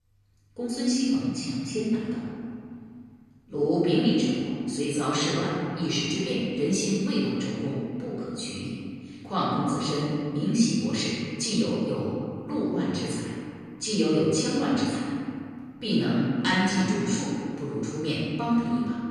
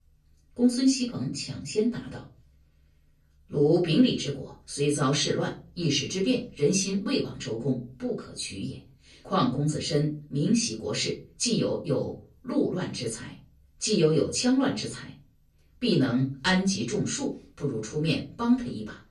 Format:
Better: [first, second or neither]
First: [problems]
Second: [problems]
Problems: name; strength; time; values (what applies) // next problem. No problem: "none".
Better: second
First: room echo; strong; dies away in 2.3 s // off-mic speech; far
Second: room echo; slight; dies away in 0.3 s // off-mic speech; far